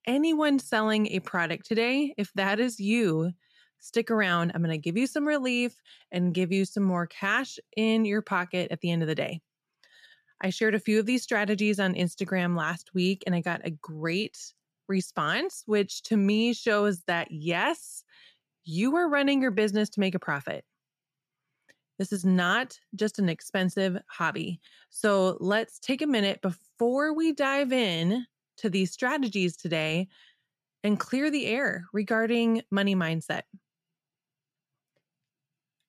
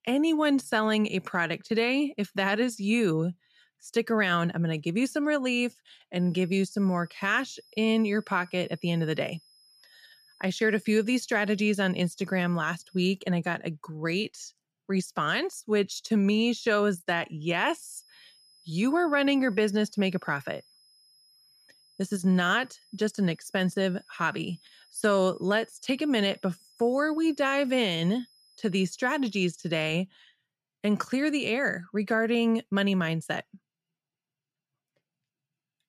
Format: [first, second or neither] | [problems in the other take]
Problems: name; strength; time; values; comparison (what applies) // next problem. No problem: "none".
first | high-pitched whine; faint; from 6 to 13 s and from 18 to 30 s; 5 kHz, 30 dB below the speech